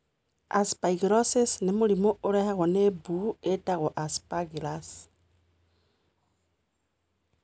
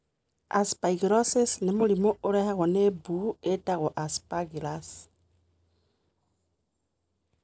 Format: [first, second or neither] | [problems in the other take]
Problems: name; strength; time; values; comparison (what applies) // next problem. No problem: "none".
first | noise reduction (neural separator model SepFormer DNS4)